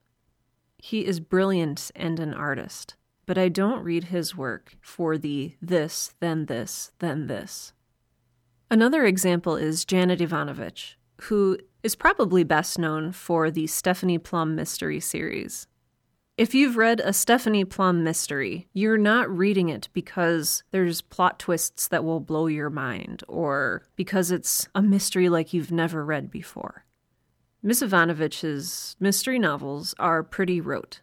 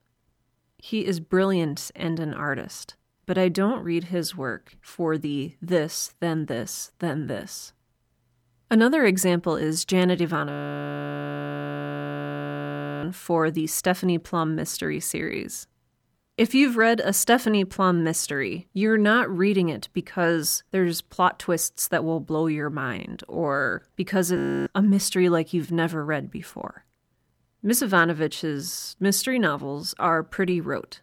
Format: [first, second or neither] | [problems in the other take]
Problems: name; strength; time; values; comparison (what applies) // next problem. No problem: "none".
first | audio freezing; at 11 s for 2.5 s and at 24 s